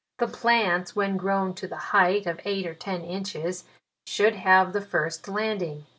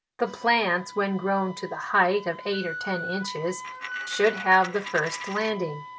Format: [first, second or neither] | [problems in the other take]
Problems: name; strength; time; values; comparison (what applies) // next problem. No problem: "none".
first | background sound (Coin (dropping) + Wind instrument, woodwind instrument); 11 dB below the speech